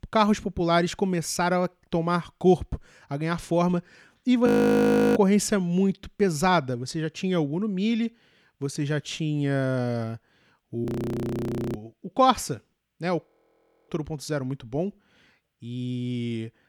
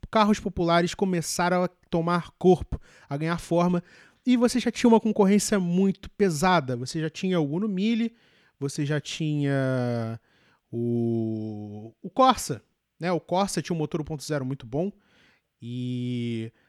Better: second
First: audio freezing; at 4.5 s for 0.5 s, at 11 s for 1 s and at 13 s for 0.5 s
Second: none

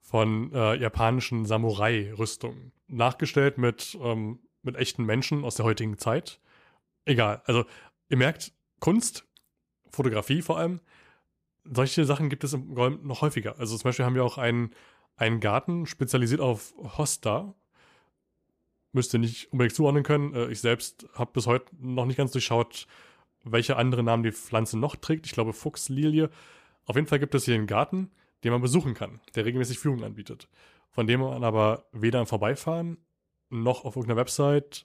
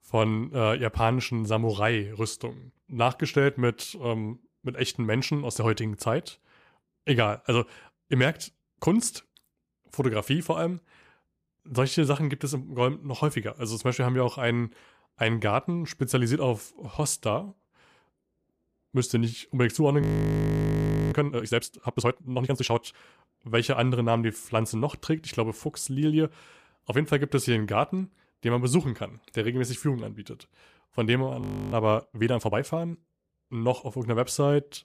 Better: first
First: none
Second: audio freezing; at 20 s for 1 s and at 31 s

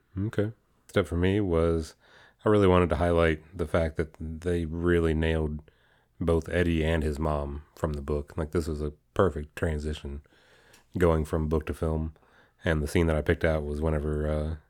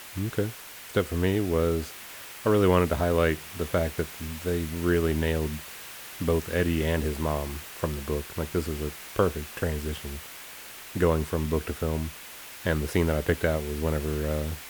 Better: first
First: none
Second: hiss; noticeable; throughout; 10 dB below the speech

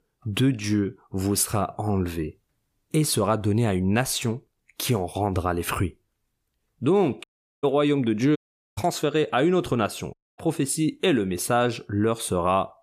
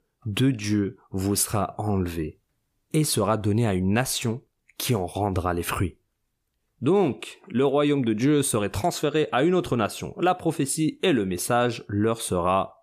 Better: second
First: audio cutting out; at 7 s, at 8.5 s and at 10 s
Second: none

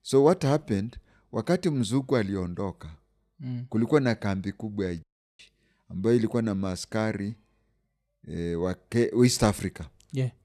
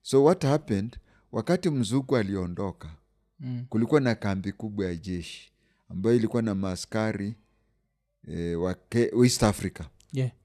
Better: second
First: audio cutting out; at 5 s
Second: none

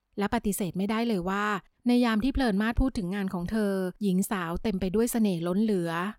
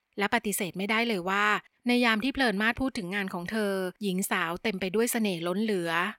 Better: first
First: none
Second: thin; very slightly; fading below 800 Hz

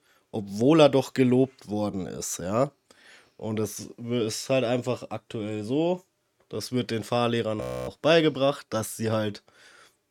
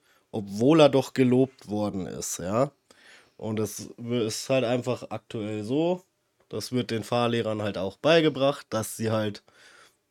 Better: second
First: audio freezing; at 7.5 s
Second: none

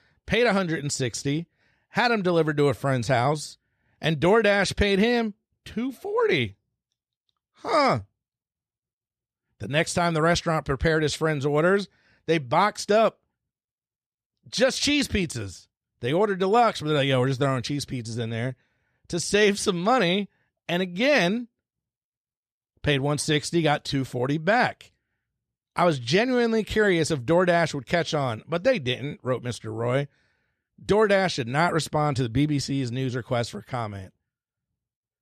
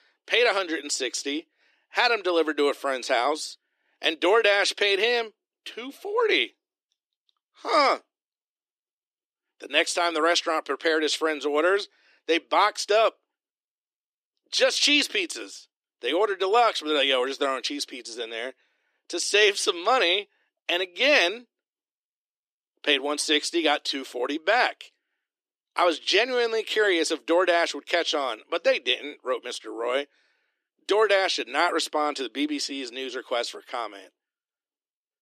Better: first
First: none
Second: thin; somewhat; fading below 300 Hz

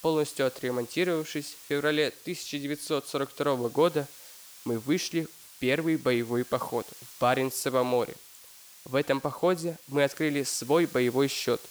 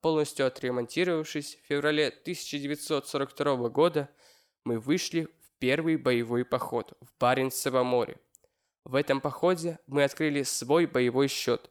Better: second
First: hiss; noticeable; throughout; 20 dB below the speech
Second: none

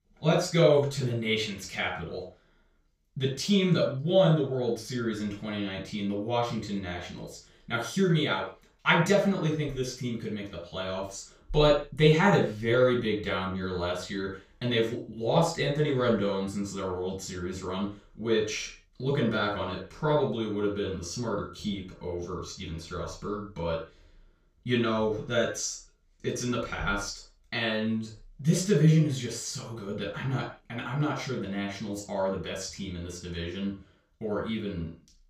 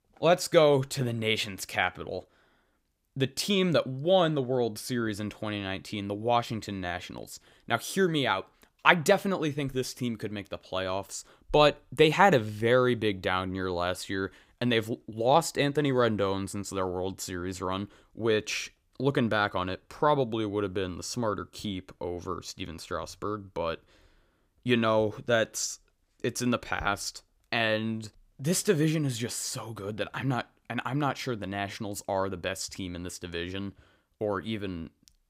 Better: second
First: room echo; noticeable; dies away in 0.3 s // off-mic speech; far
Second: none

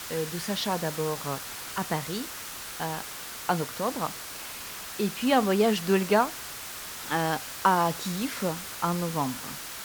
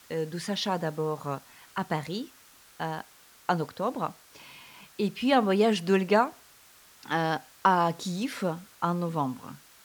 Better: second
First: hiss; loud; throughout; 7 dB below the speech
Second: hiss; faint; throughout; 25 dB below the speech

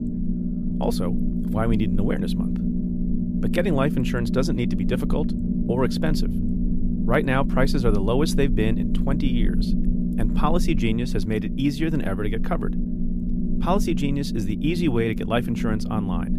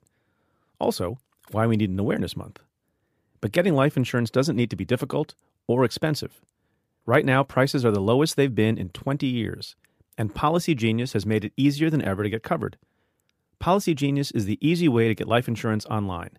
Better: second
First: low rumble; loud; throughout; 6 dB below the speech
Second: none

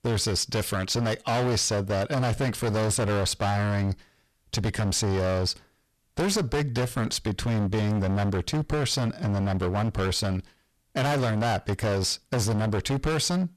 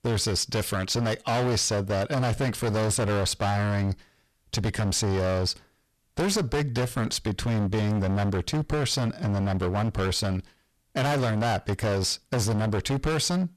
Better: neither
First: distortion; heavy; 28% of the sound clipped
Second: distortion; heavy; 28% of the sound clipped

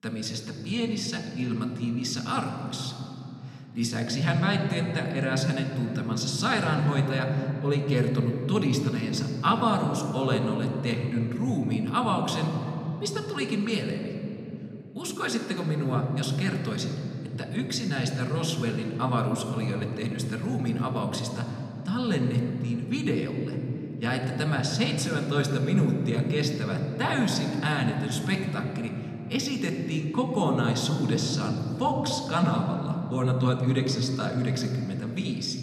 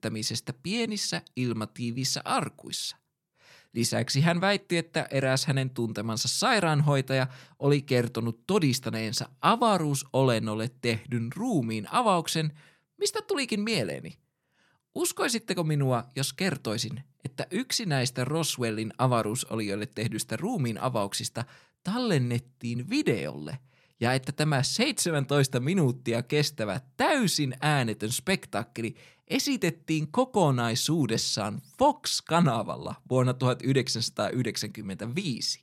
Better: second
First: room echo; noticeable; dies away in 3 s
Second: none

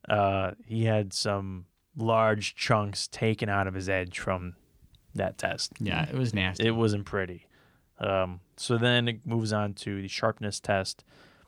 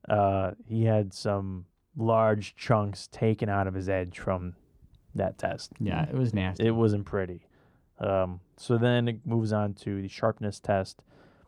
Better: first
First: none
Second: muffled; slightly; fading above 1.5 kHz

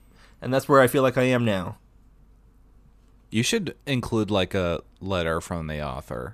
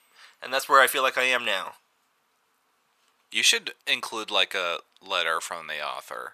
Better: first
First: none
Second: thin; very; fading below 950 Hz

